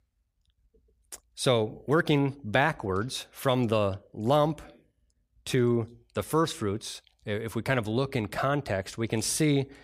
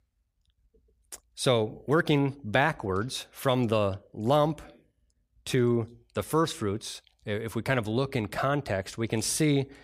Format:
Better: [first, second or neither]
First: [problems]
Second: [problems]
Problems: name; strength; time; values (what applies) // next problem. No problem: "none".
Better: neither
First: none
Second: none